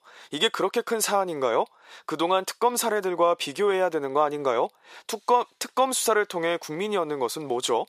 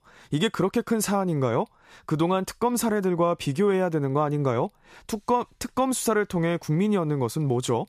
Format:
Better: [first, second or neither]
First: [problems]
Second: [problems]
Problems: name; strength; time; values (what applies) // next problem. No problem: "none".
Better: second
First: thin; very; fading below 550 Hz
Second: none